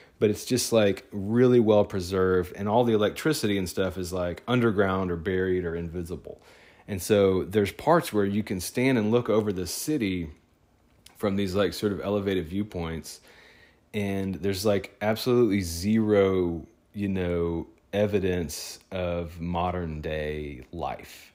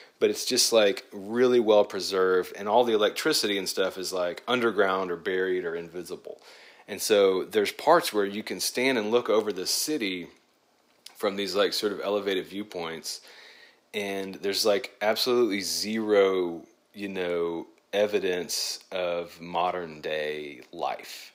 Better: first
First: none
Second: thin; somewhat; fading below 400 Hz

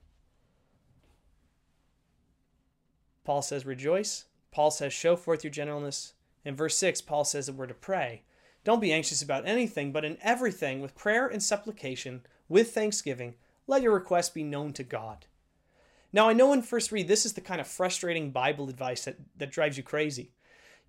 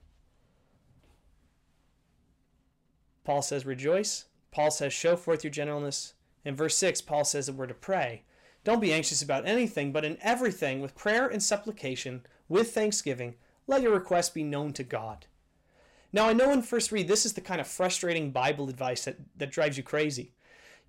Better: first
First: none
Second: distortion; slight; 10 dB below the speech

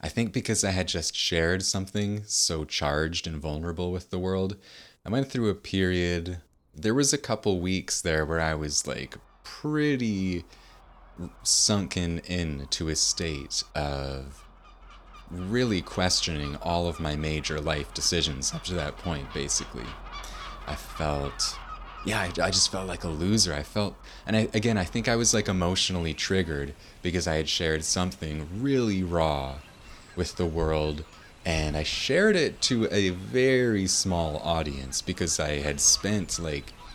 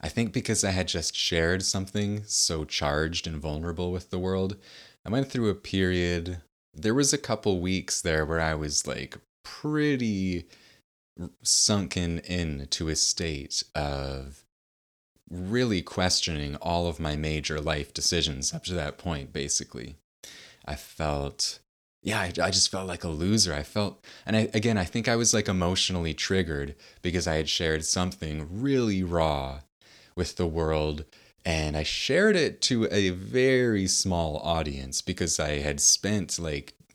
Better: second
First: animal sounds; noticeable; throughout; 20 dB below the speech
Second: none

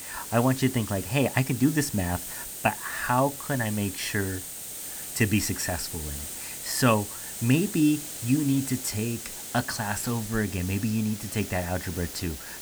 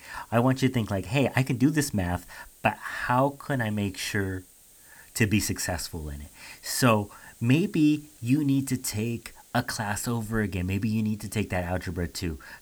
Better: second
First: hiss; loud; throughout; 8 dB below the speech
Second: hiss; faint; throughout; 25 dB below the speech

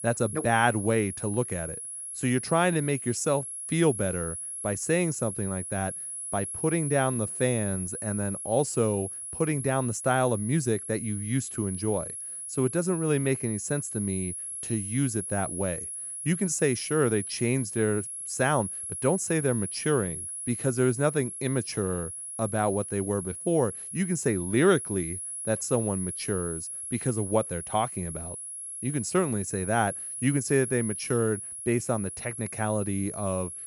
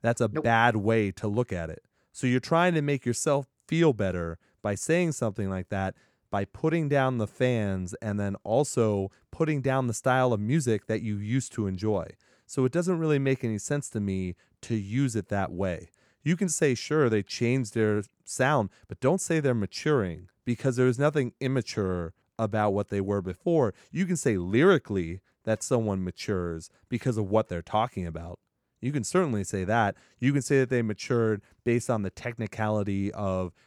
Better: second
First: high-pitched whine; loud; throughout; 10.5 kHz, 6 dB below the speech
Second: none

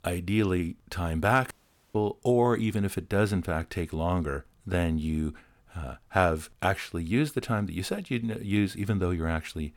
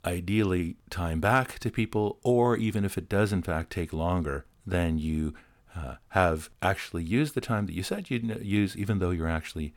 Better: second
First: audio cutting out; at 1.5 s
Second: none

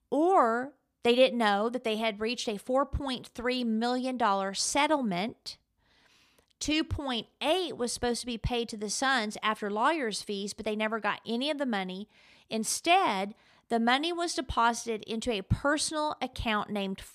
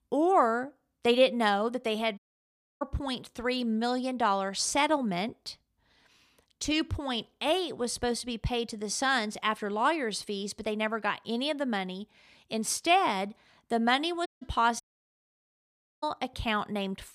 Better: first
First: none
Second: audio cutting out; at 2 s for 0.5 s, at 14 s and at 15 s for 1 s

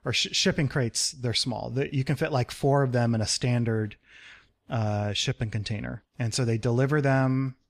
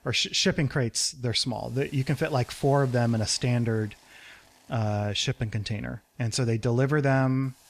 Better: first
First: none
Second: hiss; faint; throughout; 25 dB below the speech

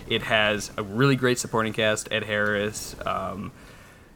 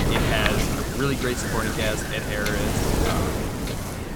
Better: first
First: wind noise on the microphone; occasional gusts; 25 dB below the speech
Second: wind noise on the microphone; heavy; as loud as the speech

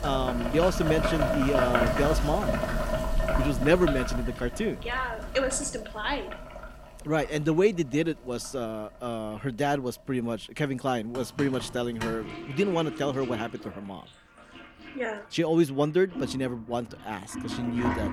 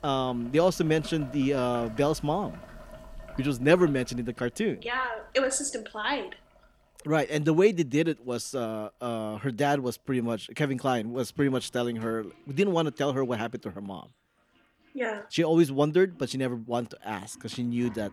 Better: second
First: household noises; loud; throughout; 3 dB below the speech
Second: household noises; faint; throughout; 20 dB below the speech

